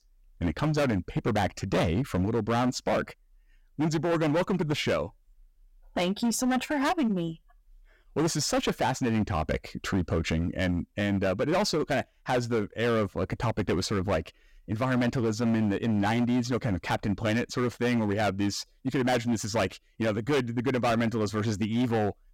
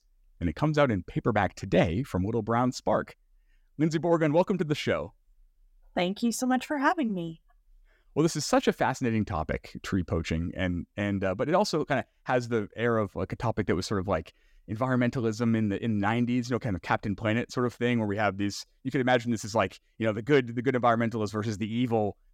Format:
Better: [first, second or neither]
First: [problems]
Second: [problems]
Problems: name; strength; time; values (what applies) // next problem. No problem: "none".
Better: second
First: distortion; heavy; 14% of the sound clipped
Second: none